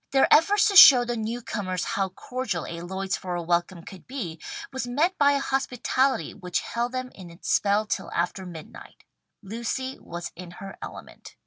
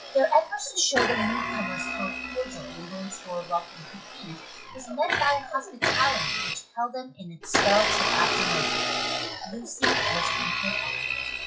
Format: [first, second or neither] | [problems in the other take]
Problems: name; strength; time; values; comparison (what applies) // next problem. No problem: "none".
first | noise reduction (classical method WPE with log-MMSE)